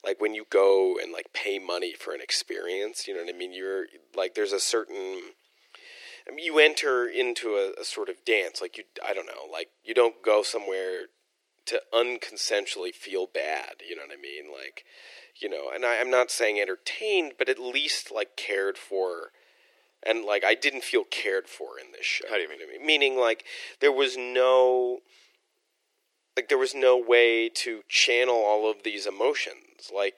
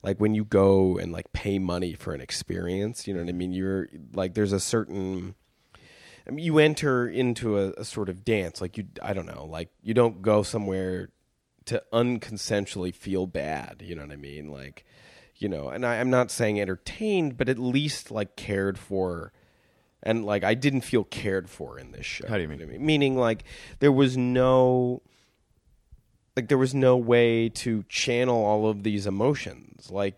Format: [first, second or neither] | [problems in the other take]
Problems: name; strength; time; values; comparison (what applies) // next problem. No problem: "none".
second | thin; very; fading below 350 Hz